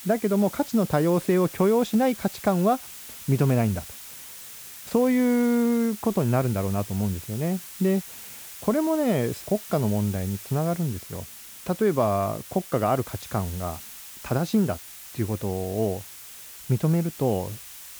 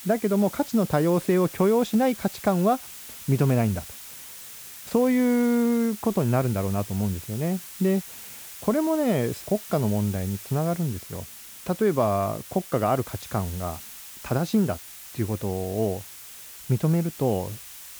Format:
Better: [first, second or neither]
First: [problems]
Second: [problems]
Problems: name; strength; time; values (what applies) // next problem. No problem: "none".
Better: neither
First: hiss; noticeable; throughout; 15 dB below the speech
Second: hiss; noticeable; throughout; 15 dB below the speech